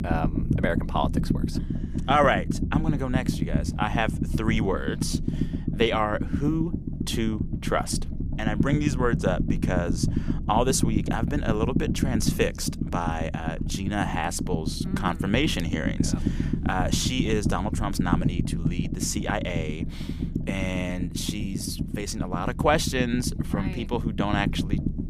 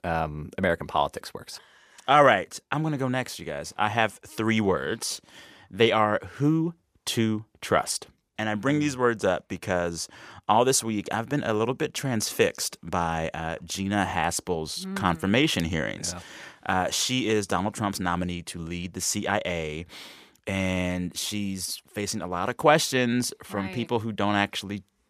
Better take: second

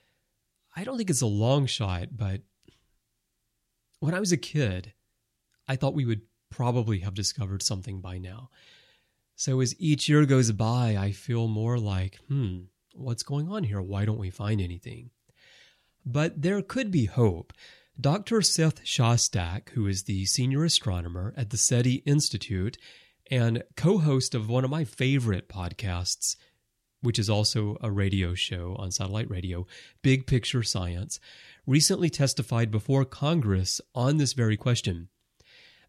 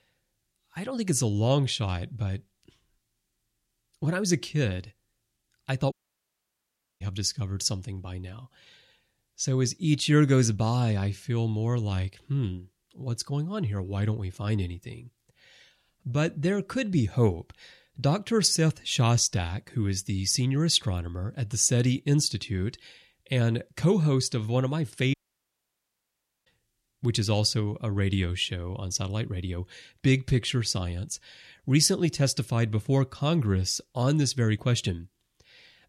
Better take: first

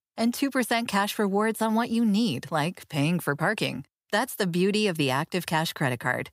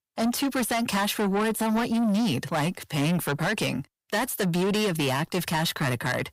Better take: first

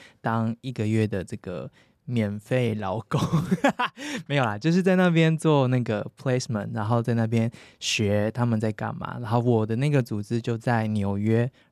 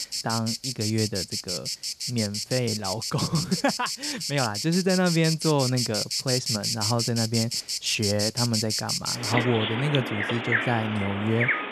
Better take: first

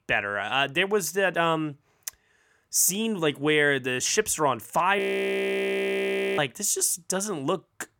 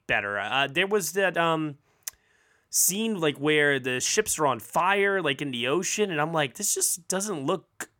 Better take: second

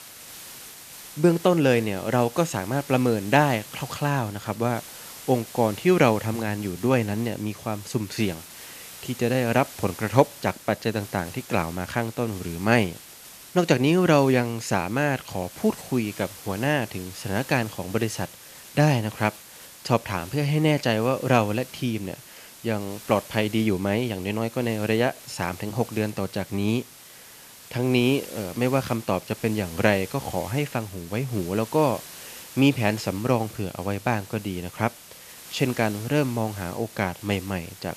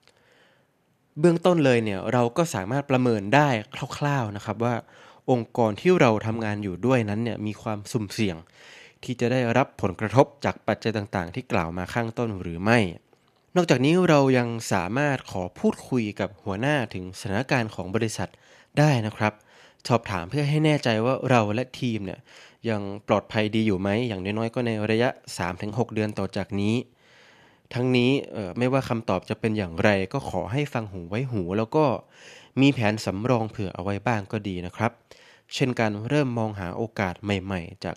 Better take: second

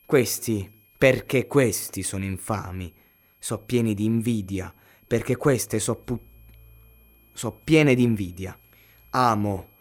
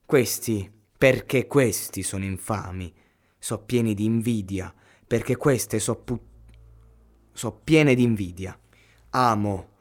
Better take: second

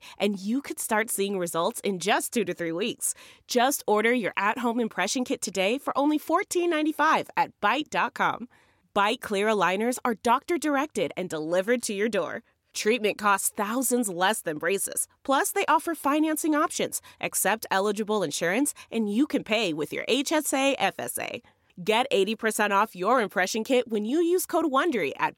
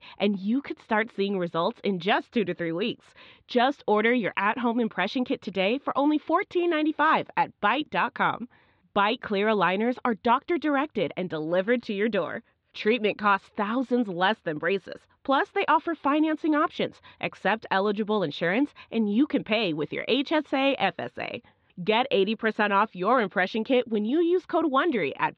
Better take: first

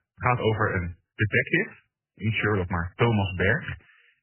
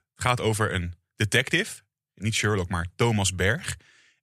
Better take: second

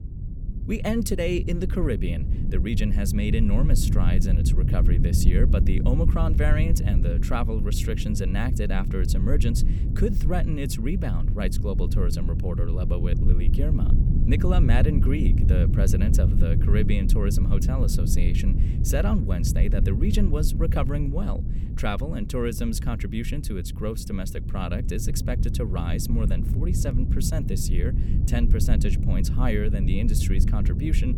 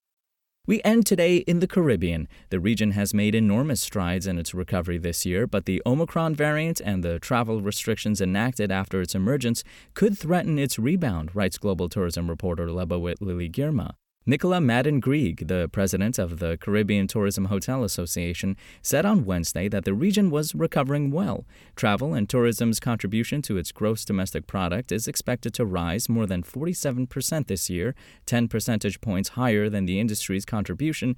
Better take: second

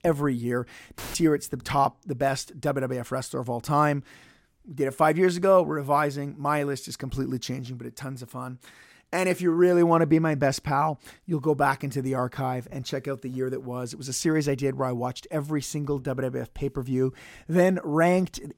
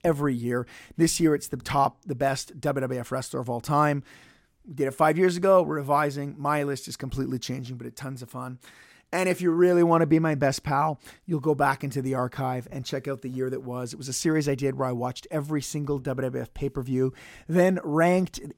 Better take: second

